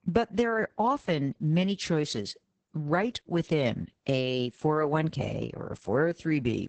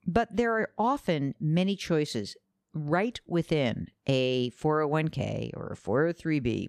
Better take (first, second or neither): second